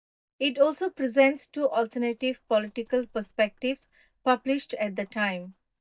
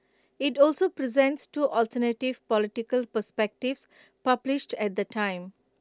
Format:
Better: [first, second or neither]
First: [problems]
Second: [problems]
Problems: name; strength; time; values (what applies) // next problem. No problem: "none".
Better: second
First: noise reduction (neural mask model DeepFilterNet 3)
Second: none